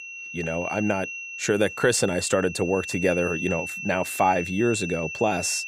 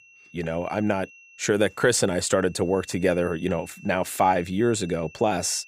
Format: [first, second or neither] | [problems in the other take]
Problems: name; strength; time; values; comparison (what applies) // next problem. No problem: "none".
second | high-pitched whine; loud; throughout; 2.5 kHz, 7 dB below the speech; faint in the second